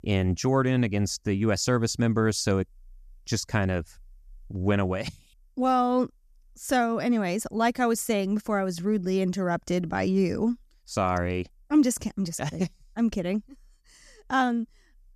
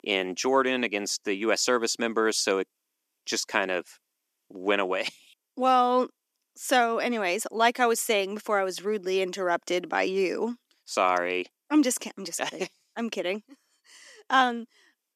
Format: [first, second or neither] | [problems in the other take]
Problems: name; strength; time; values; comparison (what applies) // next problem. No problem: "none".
first | thin; somewhat; fading below 300 Hz